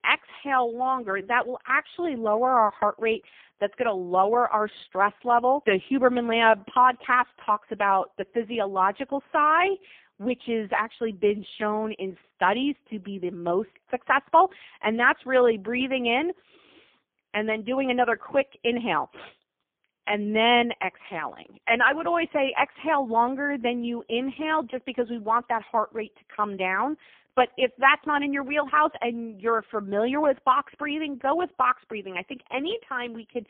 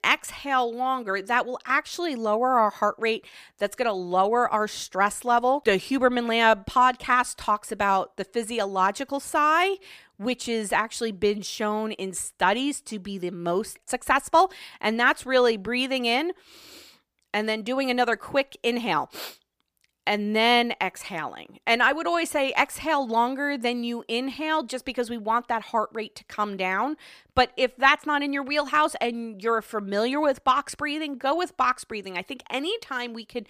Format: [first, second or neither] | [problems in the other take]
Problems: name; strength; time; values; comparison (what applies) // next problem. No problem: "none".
second | phone-call audio; poor line; nothing above 3 kHz